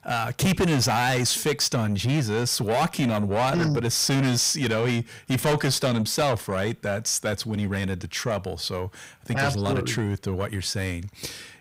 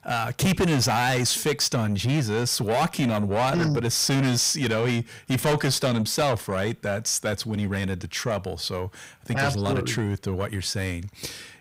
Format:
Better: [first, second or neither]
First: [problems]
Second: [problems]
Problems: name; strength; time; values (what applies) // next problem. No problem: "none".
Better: neither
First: distortion; heavy; 6 dB below the speech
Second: distortion; heavy; 6 dB below the speech